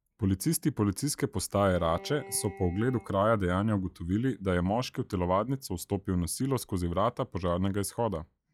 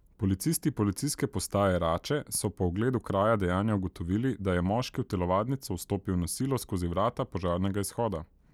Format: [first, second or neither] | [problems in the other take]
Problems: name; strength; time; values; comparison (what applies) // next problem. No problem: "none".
second | noise reduction (classical method log-MMSE)